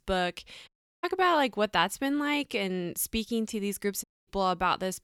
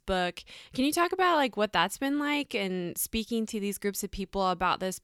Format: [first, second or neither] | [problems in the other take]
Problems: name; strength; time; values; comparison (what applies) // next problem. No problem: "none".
second | audio cutting out; at 0.5 s and at 4 s